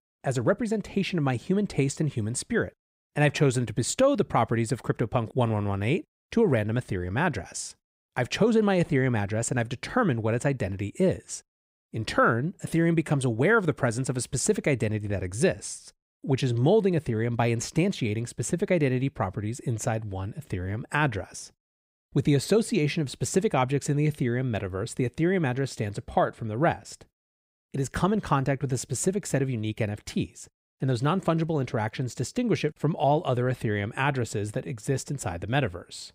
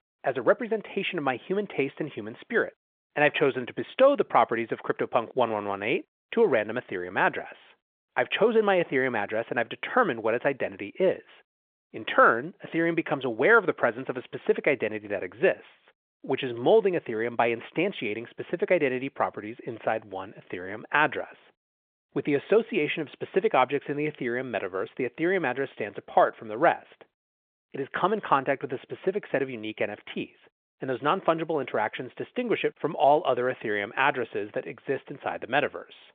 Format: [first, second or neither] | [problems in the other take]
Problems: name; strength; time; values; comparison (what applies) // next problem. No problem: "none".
first | phone-call audio; nothing above 3.5 kHz